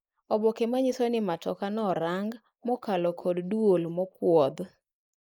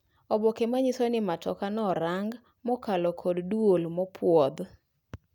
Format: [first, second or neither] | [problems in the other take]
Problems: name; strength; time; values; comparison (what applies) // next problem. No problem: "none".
second | noise reduction (neural mask model Resemble Enhance denoiser)